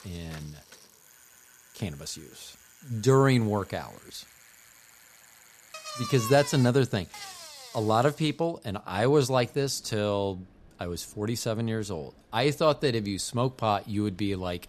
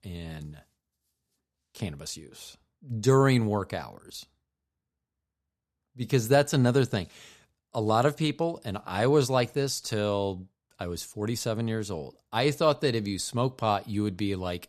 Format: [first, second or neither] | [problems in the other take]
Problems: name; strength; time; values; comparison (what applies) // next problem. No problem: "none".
second | traffic noise; noticeable; throughout; 15 dB below the speech